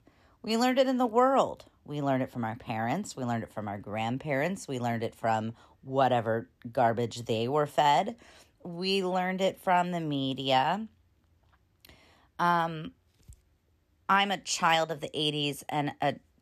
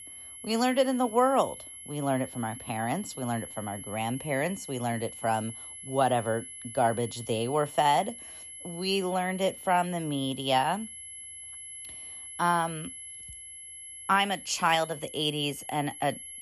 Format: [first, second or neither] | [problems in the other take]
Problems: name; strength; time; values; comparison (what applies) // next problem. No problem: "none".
first | high-pitched whine; noticeable; throughout; 11 kHz, 10 dB below the speech